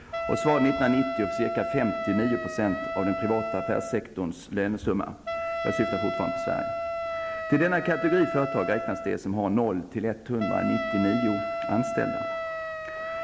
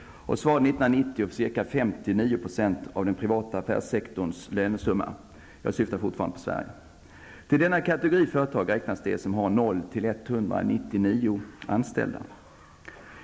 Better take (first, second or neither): second